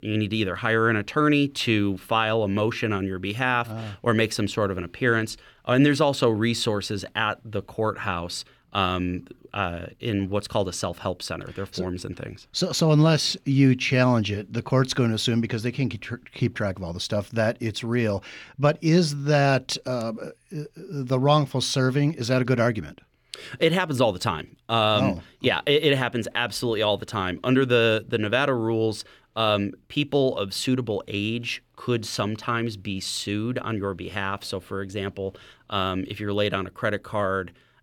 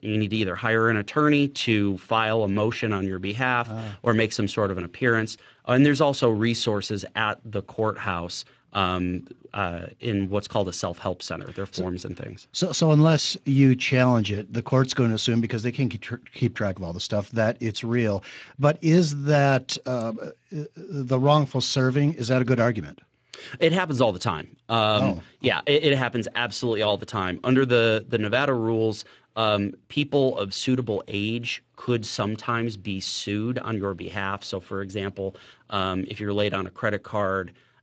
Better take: first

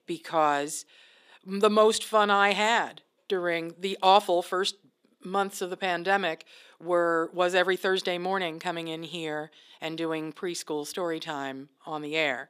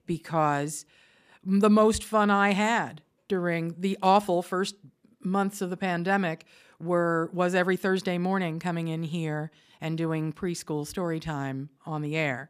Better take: second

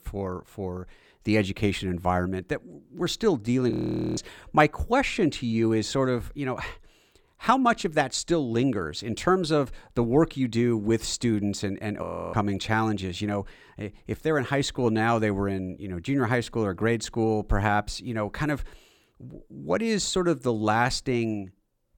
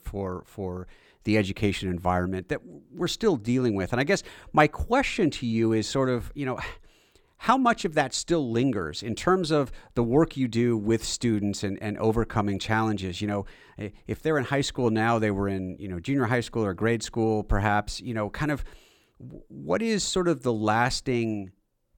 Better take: second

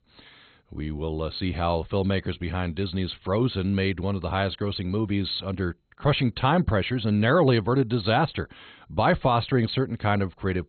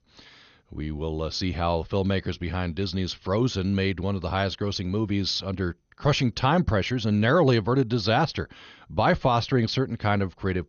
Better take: second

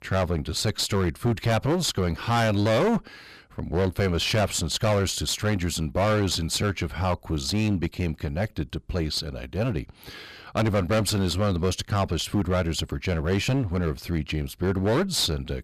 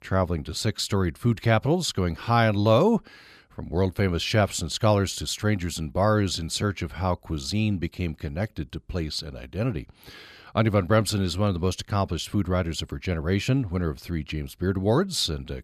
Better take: second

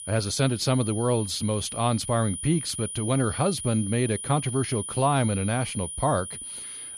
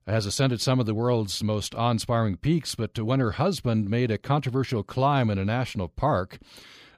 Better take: second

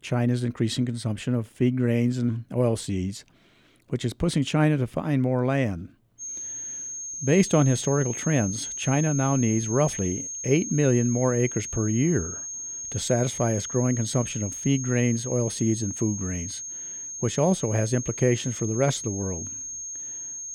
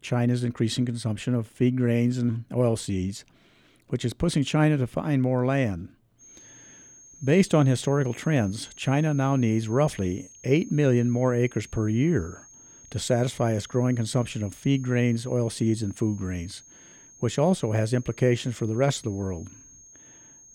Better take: second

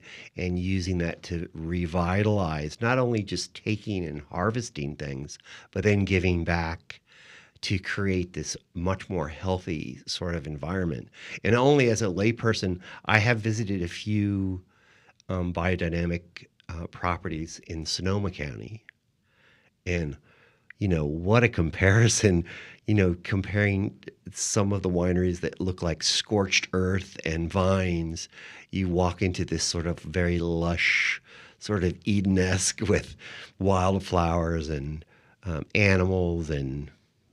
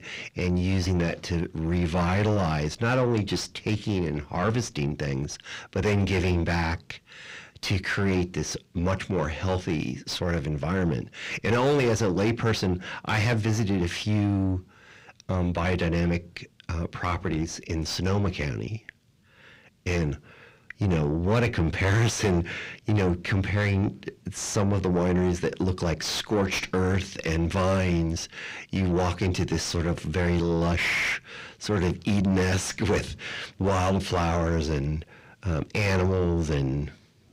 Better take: first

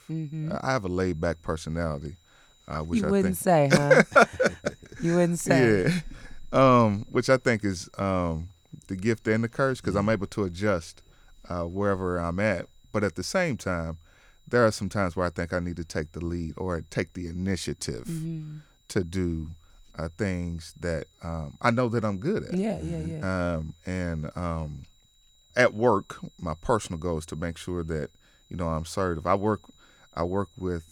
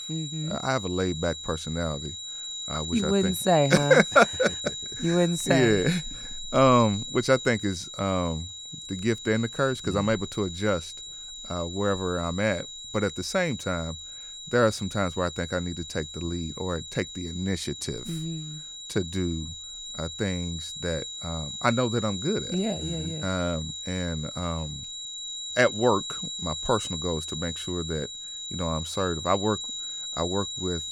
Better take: first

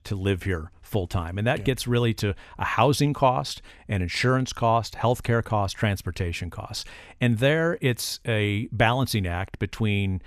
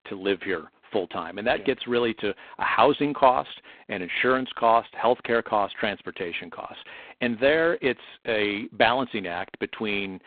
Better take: first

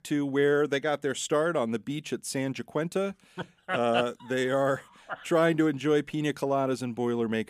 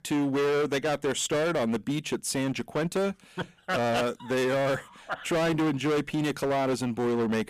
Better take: first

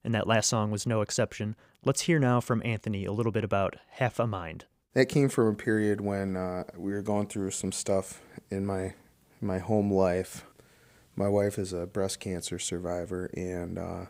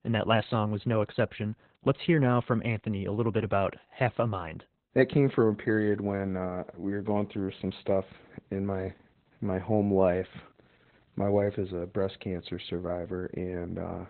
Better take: first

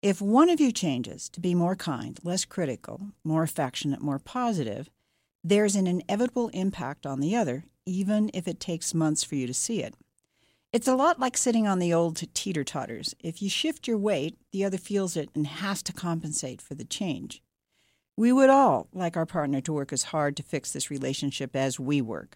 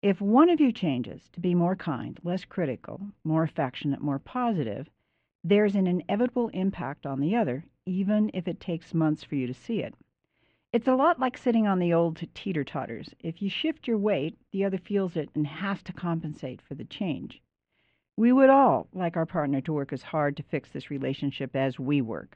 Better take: first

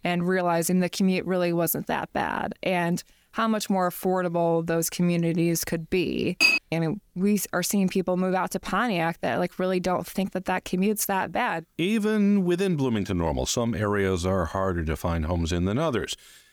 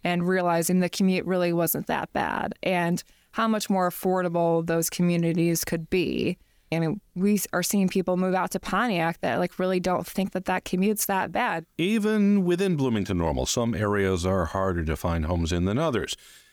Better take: second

